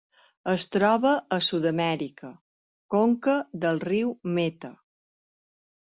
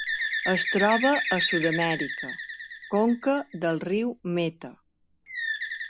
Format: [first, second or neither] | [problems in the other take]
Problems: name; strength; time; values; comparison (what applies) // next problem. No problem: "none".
first | background sound (Bird); 4 dB below the speech